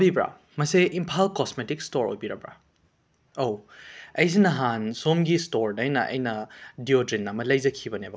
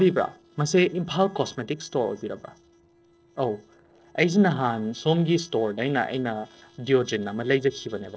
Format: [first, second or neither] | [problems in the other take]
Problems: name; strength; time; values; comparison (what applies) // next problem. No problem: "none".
first | noise reduction (neural separator model SepFormer DNS4)